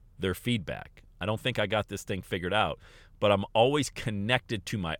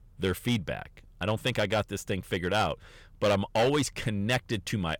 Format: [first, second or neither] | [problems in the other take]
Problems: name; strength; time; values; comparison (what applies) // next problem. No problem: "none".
first | distortion; slight; 4% of the sound clipped